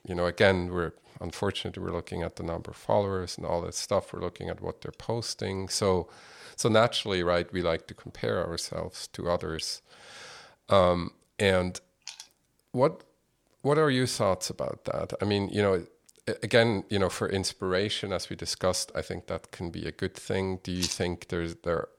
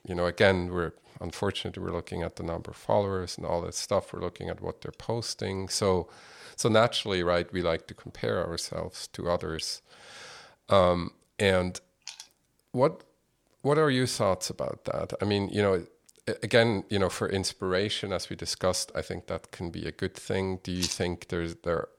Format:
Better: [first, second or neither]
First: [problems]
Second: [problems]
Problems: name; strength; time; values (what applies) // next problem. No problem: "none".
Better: neither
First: none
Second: none